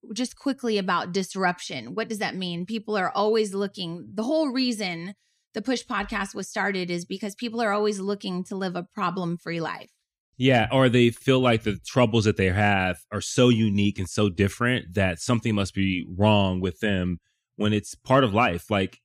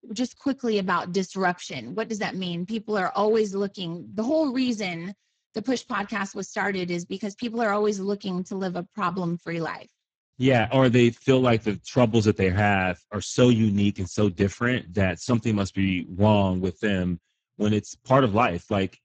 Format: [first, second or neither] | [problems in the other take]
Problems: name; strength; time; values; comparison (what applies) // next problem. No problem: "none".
first | garbled, watery; badly; nothing above 7.5 kHz